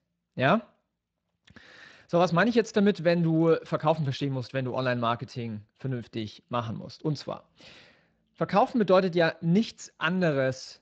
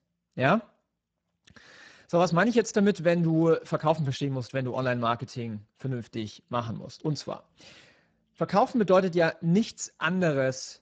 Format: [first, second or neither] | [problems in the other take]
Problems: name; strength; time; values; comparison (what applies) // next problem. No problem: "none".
first | garbled, watery; badly; nothing above 7.5 kHz; slightly in the first